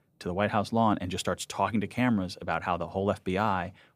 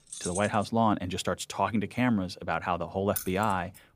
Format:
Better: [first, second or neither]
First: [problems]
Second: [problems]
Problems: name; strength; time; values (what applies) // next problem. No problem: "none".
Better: first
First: none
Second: jangling keys; noticeable; at the start and at 3 s; peak 7 dB below the speech